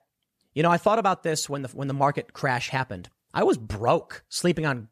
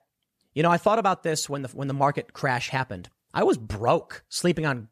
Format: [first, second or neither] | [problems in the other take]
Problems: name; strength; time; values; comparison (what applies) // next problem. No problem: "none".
neither | none